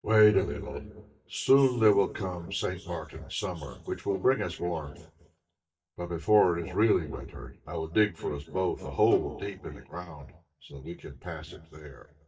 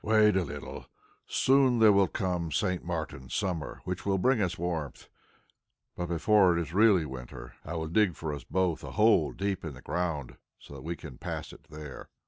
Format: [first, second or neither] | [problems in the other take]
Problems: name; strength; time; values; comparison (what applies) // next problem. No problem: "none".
second | noise reduction (neural mask model DeepFilterNet 3)